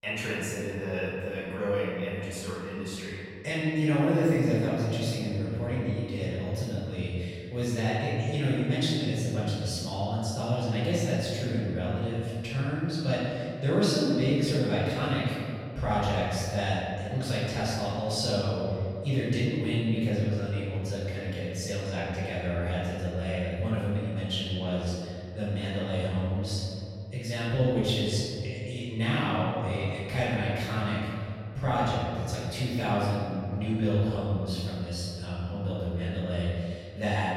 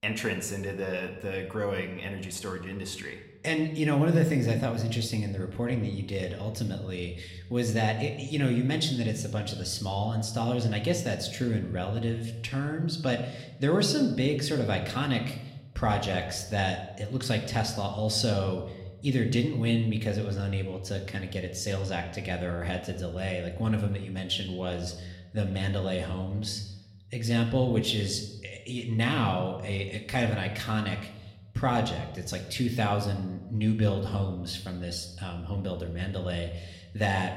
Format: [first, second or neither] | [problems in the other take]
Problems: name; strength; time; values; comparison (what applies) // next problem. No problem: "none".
second | room echo; strong; dies away in 2.5 s; slight in the second // off-mic speech; far